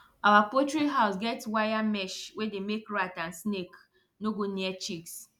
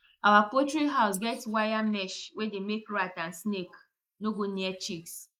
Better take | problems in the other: first | noise reduction (neural mask model Resemble Enhance denoiser)

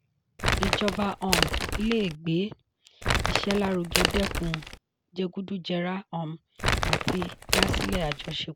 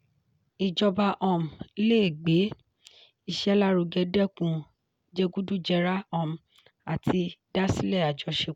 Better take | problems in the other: second | background sound (Crumpling, crinkling); 3 dB above the speech

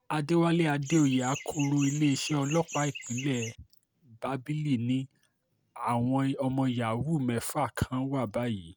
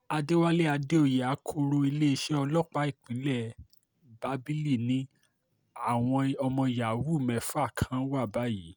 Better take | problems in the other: second | background sound (Chirp, tweet); 12 dB below the speech

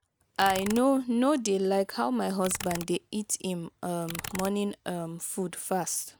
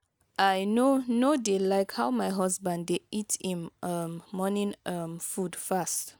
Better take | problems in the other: second | background sound (Computer keyboard); 14 dB below the speech

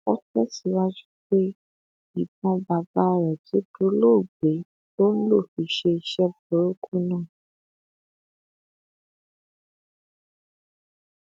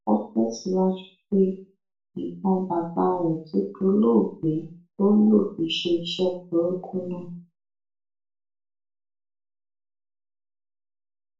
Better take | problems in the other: first | room echo; dies away in 0.4 s

